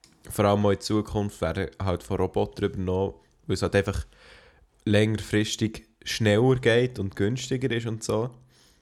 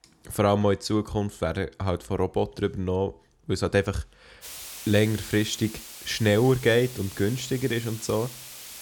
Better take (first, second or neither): first